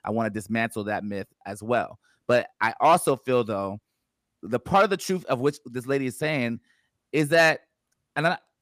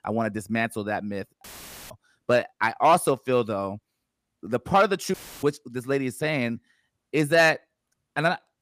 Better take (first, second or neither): first